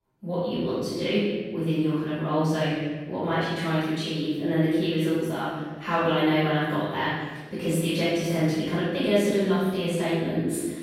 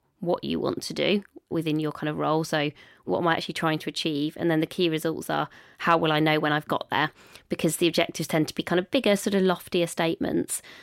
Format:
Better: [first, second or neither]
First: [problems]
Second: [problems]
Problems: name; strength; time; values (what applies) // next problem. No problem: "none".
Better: second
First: room echo; strong; dies away in 1.3 s // off-mic speech; far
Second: none